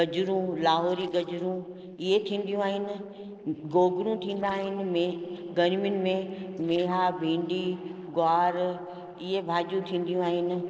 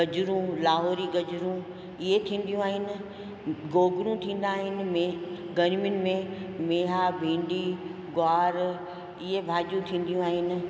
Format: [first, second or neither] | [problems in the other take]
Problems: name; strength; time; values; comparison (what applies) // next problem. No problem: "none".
second | noise reduction (neural separator model SepFormer DNS4)